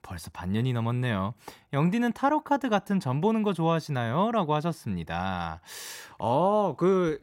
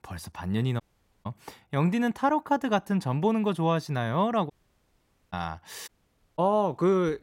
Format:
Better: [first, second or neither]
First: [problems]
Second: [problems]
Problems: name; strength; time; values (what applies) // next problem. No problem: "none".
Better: first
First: none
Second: audio cutting out; at 1 s, at 4.5 s for 1 s and at 6 s for 0.5 s